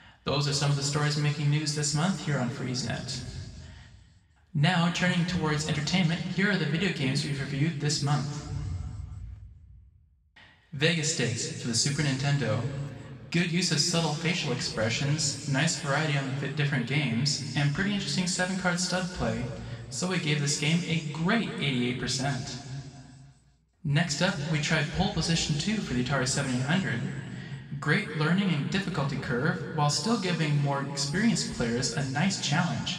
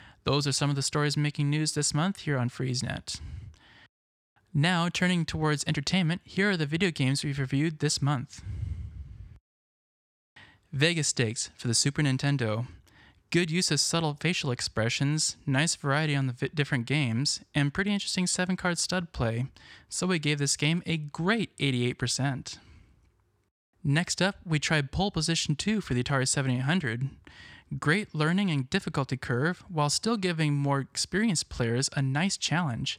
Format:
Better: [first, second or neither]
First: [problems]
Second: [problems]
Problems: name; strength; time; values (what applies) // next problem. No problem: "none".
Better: second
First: room echo; noticeable; dies away in 2.1 s // off-mic speech; far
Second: none